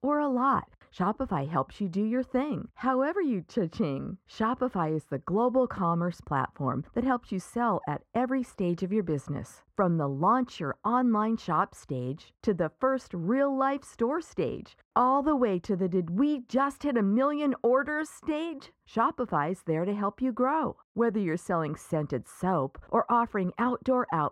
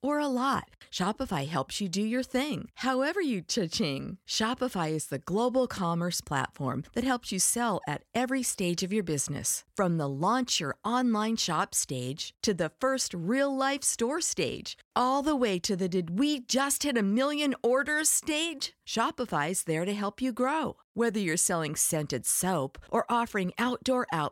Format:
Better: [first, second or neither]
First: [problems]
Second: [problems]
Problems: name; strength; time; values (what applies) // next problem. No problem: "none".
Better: second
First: muffled; very; fading above 2.5 kHz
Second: none